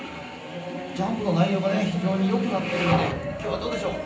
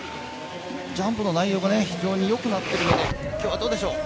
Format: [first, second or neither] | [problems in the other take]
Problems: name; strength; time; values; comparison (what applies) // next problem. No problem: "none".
second | room echo; dies away in 0.6 s